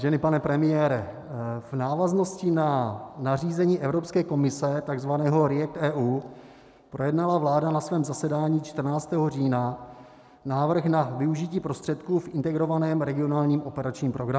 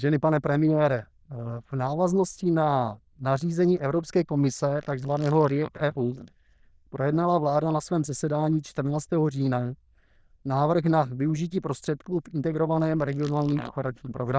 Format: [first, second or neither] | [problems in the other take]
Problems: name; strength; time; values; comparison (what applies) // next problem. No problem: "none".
first | noise reduction (neural diffusion model UNIVERSE++)